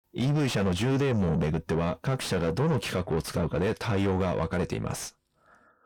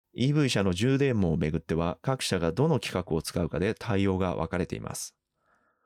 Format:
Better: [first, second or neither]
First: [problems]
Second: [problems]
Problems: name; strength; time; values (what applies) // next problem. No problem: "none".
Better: second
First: distortion; heavy; 7 dB below the speech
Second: none